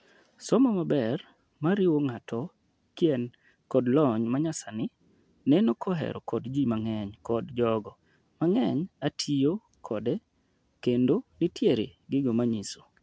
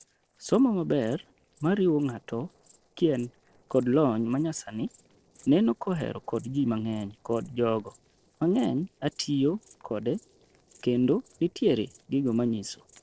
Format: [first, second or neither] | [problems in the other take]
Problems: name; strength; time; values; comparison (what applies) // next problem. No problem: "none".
first | noise reduction (neural separator model SepFormer DNS4)